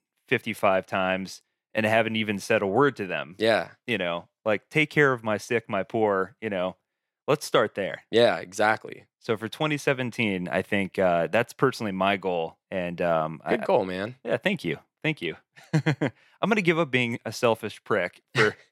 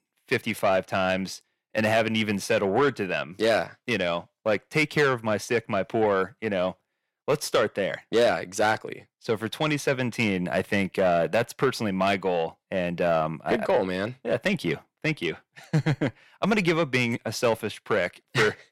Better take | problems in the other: first | distortion; slight; 10 dB below the speech

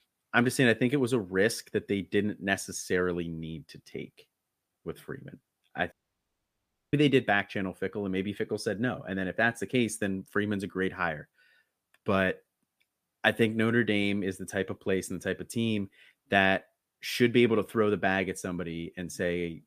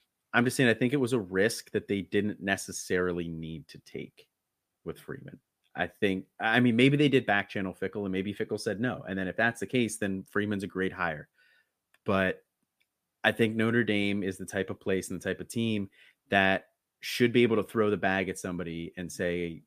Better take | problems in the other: second | audio cutting out; at 6 s for 1 s

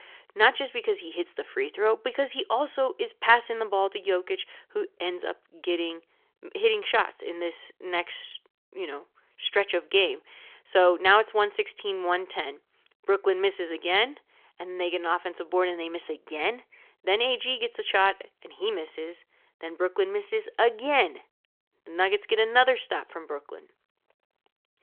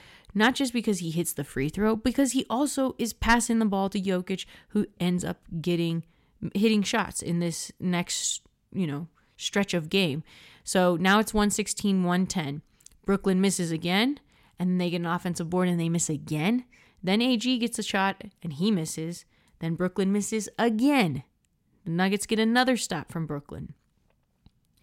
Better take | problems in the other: second | phone-call audio; nothing above 3.5 kHz

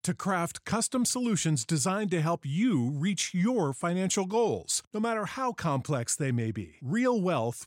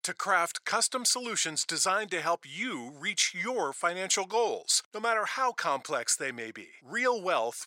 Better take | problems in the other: first | thin; very; fading below 600 Hz

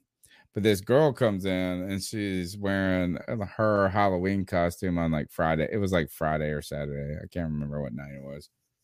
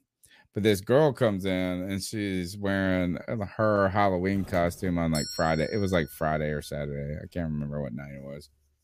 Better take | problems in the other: first | doorbell; noticeable; from 4.5 to 6.5 s; peak 7 dB below the speech

